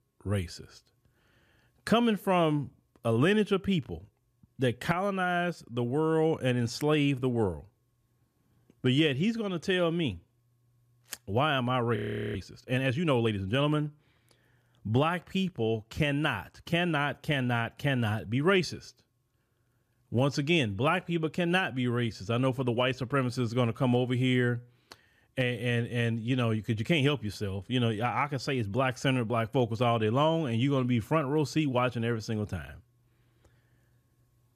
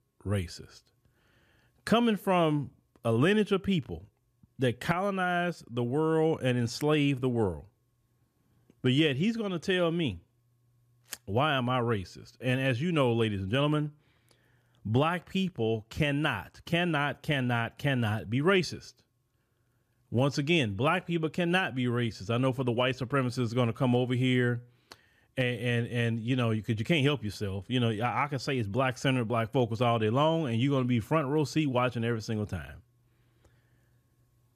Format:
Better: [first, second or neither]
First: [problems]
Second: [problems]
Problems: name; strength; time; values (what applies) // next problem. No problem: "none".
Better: second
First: audio freezing; at 12 s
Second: none